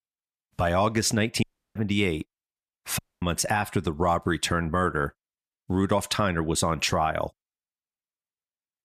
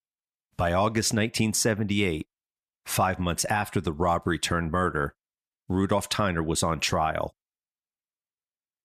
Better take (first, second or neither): second